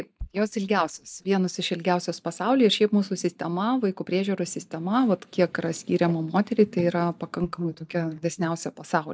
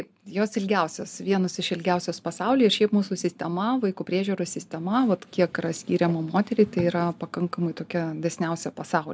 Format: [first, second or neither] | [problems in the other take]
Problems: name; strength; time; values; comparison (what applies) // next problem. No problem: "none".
second | noise reduction (neural mask model DeepFilterNet 3)